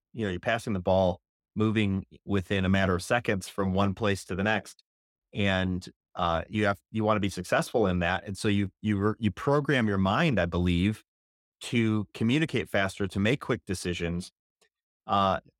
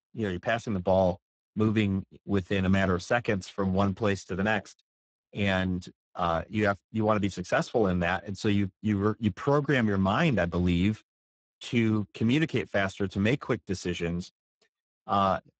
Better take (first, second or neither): first